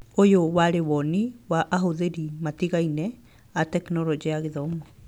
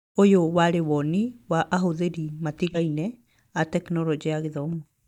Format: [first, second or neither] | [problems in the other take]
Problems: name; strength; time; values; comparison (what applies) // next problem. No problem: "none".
first | noise reduction (neural mask model DeepFilterNet 3)